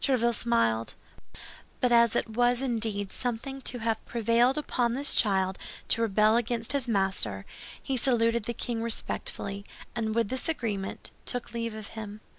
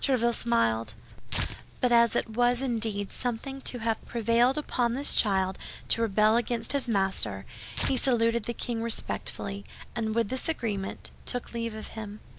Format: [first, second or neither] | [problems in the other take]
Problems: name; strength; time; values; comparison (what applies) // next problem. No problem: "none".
first | background sound (Tearing); 15 dB below the speech